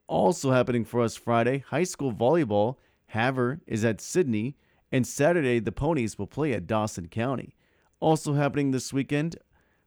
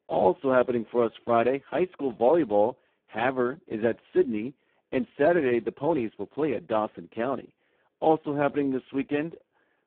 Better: first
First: none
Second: phone-call audio; poor line

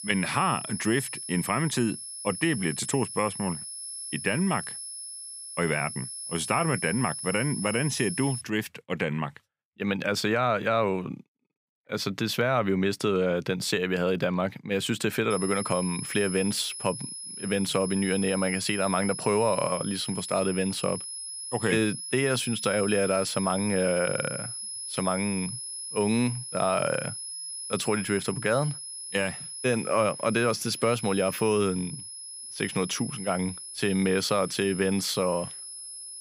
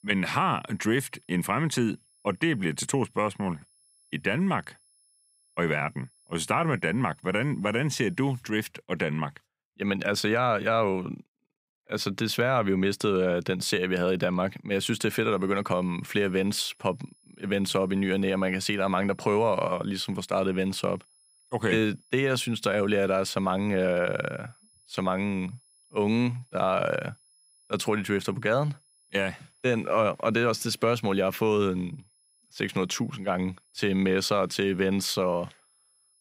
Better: second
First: high-pitched whine; loud; until 8.5 s and from 15 s on; 10.5 kHz, 7 dB below the speech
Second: high-pitched whine; faint; until 8.5 s and from 15 s on; 10.5 kHz, 35 dB below the speech

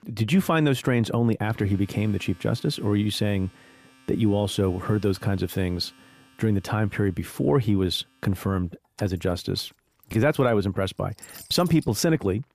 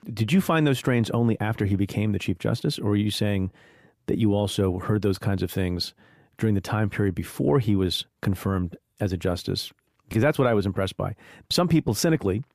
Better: second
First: household noises; faint; throughout; 25 dB below the speech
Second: none

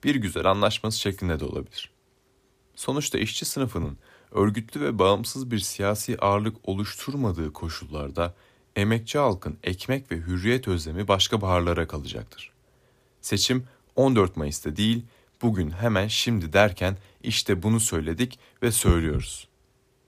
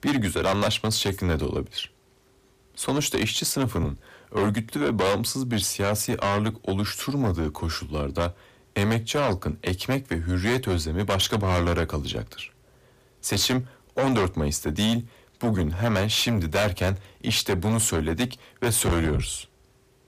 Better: first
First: none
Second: distortion; heavy; 6 dB below the speech

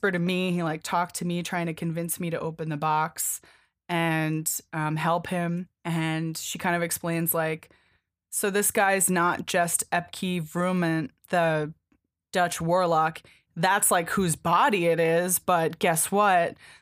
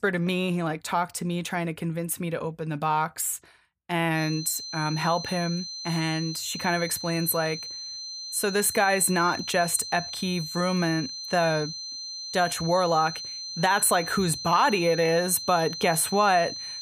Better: first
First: none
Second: high-pitched whine; loud; from 4 s on; 4 kHz, 8 dB below the speech

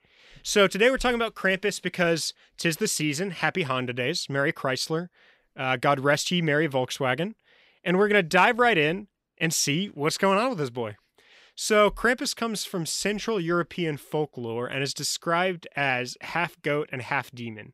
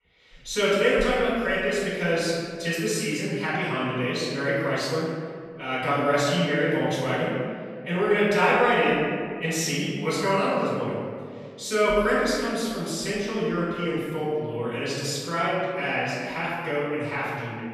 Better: first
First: none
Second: off-mic speech; far // room echo; strong; dies away in 1.9 s

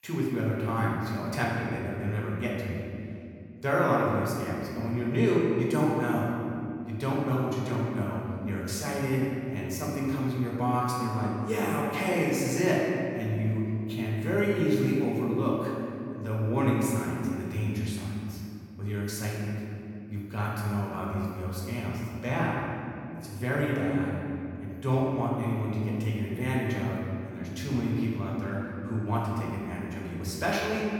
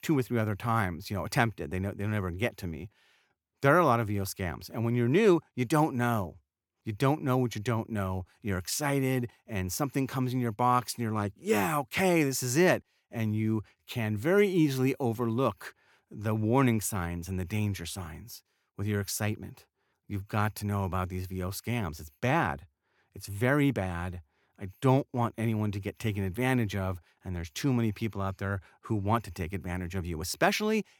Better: second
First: room echo; strong; dies away in 2.5 s // off-mic speech; far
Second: none

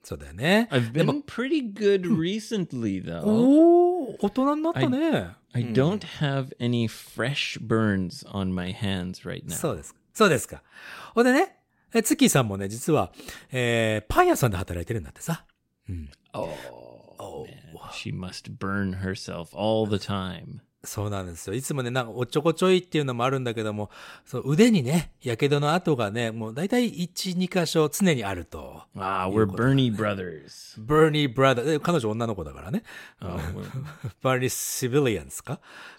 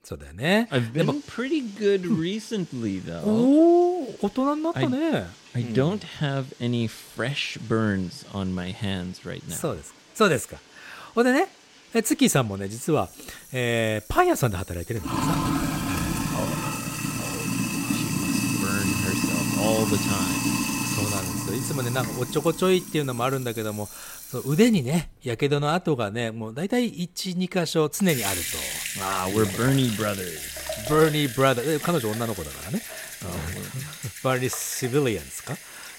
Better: first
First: none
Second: household noises; loud; throughout; 4 dB below the speech

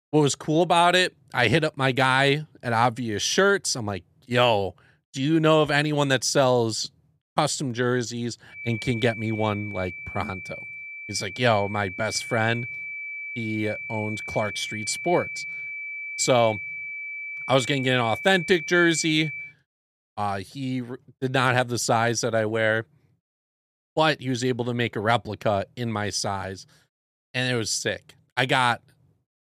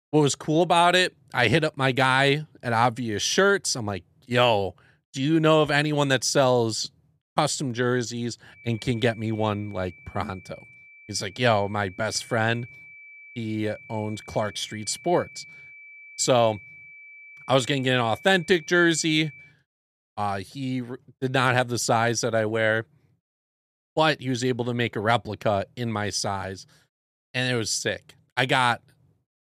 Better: second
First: high-pitched whine; loud; from 8.5 to 19 s; 2.5 kHz, 9 dB below the speech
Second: high-pitched whine; faint; from 8.5 to 19 s; 2.5 kHz, 20 dB below the speech

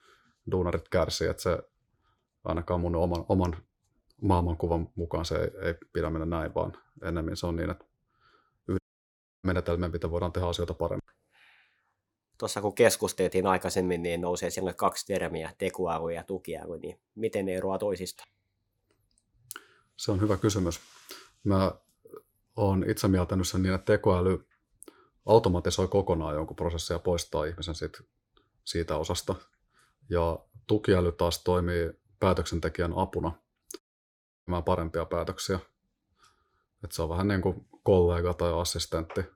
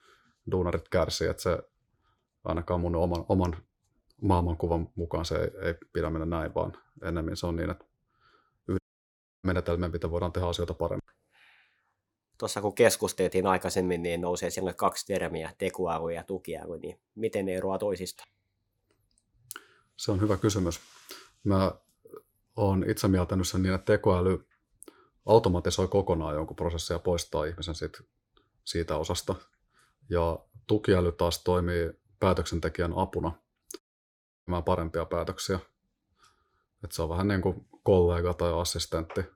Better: neither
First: audio cutting out; at 9 s for 0.5 s and at 34 s for 0.5 s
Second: audio cutting out; at 9 s for 0.5 s and at 34 s for 0.5 s

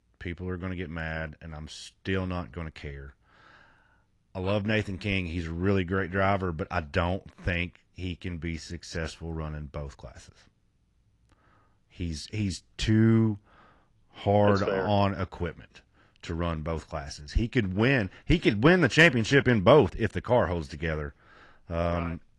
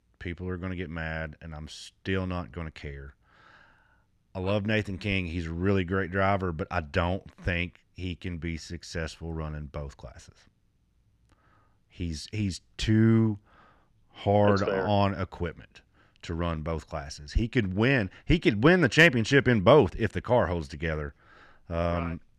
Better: second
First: garbled, watery; slightly; nothing above 11 kHz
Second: none

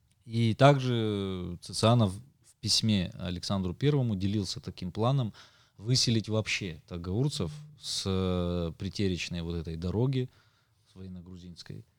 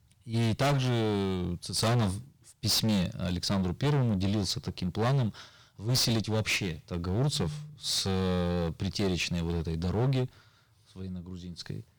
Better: first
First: none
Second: distortion; heavy; 15% of the sound clipped

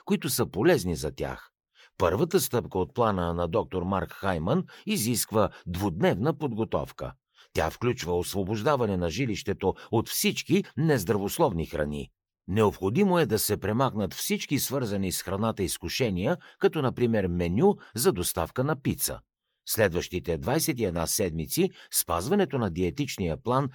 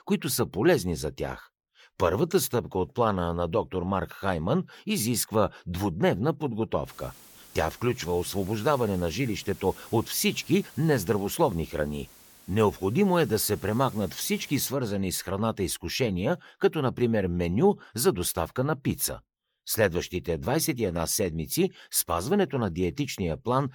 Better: first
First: none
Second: hiss; faint; from 7 to 15 s; 20 dB below the speech

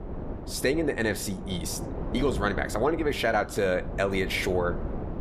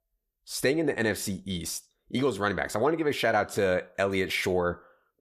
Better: second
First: wind noise on the microphone; occasional gusts; 15 dB below the speech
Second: none

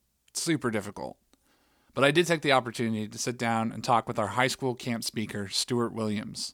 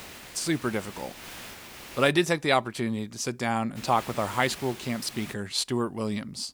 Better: first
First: none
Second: hiss; noticeable; until 2 s and from 4 to 5.5 s; 15 dB below the speech

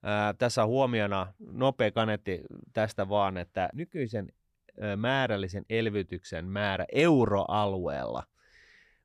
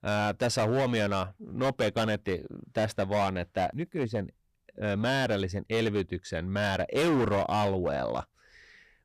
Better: first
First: none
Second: distortion; heavy; 12% of the sound clipped

